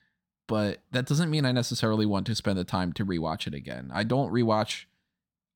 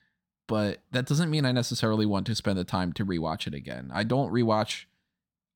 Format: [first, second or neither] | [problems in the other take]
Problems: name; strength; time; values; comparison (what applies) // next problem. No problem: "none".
neither | none